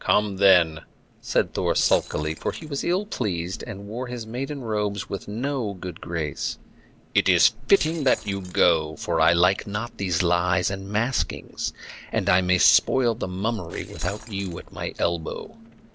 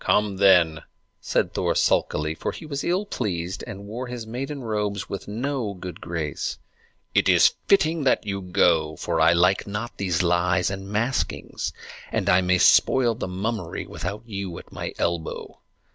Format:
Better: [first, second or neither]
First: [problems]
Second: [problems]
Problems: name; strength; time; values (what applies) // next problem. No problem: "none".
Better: second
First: noise reduction (neural separator model SepFormer DNS4)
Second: none